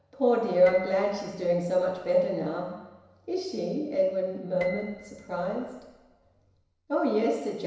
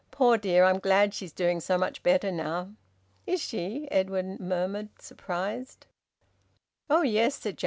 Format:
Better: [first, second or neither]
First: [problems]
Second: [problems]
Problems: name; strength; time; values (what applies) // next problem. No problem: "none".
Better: second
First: background sound (Piano); 20 dB below the speech // room echo; dies away in 1 s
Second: none